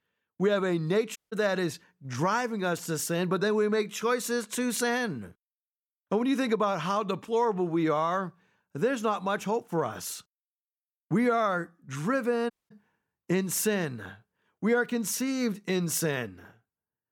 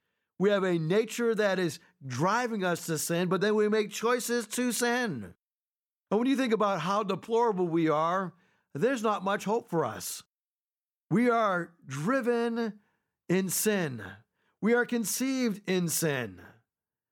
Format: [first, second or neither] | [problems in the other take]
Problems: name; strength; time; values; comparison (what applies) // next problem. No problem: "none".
second | audio cutting out; at 1 s and at 13 s